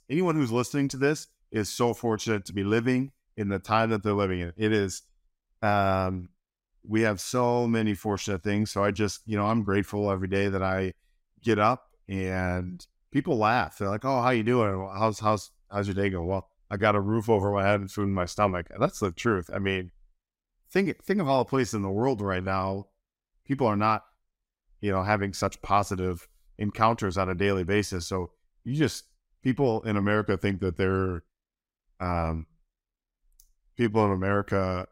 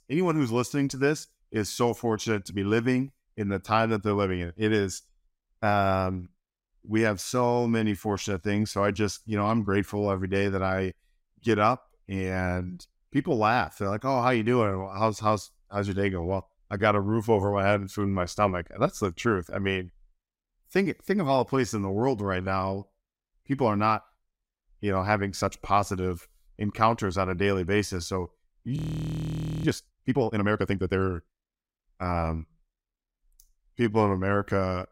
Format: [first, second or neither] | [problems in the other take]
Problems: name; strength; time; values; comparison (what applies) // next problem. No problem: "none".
first | audio freezing; at 29 s for 1 s